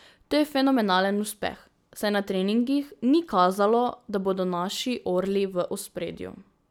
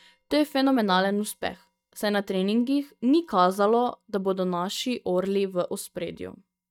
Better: first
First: none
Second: noise reduction (neural mask model DeepFilterNet 3)

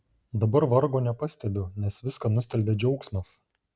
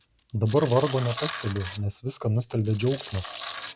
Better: first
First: none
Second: background sound (Tools); 13 dB below the speech

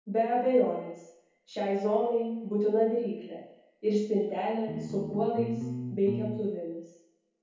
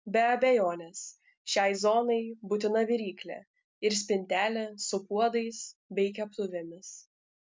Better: second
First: background sound (Bass guitar); 6 dB below the speech // room echo; dies away in 2 s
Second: none

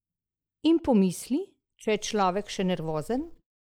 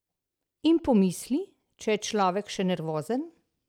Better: second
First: noise reduction (neural mask model Resemble Enhance denoiser)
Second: none

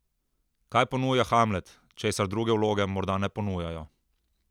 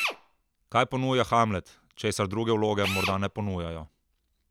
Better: first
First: none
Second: background sound (Drill); 10 dB below the speech

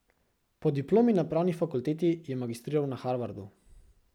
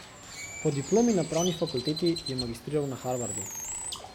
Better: first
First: none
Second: background sound (Bird); 9 dB below the speech

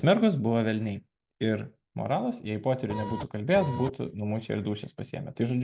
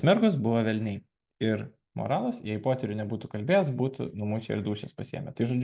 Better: second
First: background sound (Printer); 7 dB below the speech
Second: none

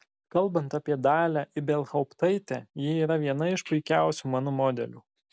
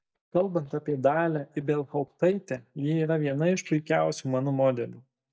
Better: first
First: none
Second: noise reduction (neural mask model DeepFilterNet 3)

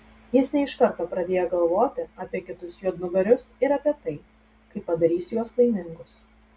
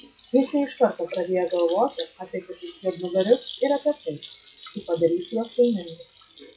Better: first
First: none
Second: noise reduction (classical method log-MMSE)

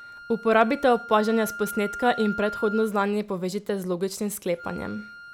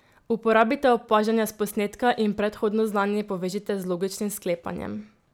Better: second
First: background sound (Wind instrument, woodwind instrument); 14 dB below the speech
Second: none

